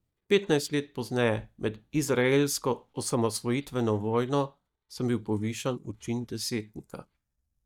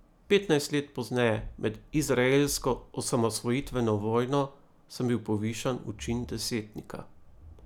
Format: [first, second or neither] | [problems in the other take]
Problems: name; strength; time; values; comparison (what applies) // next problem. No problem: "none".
second | noise reduction (neural mask model DeepFilterNet 3)